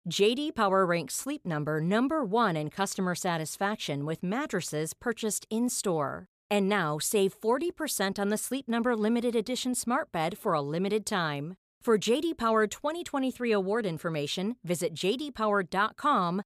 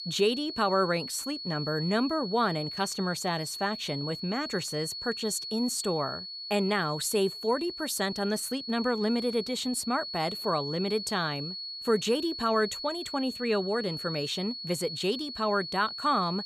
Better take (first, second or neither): first